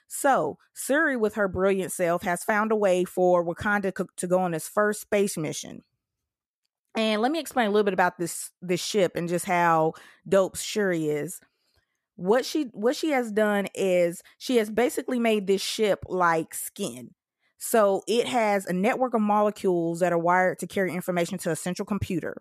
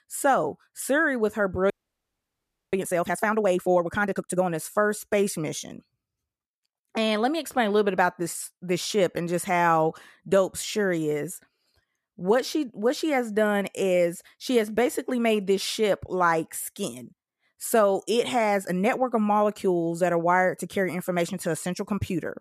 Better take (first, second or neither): first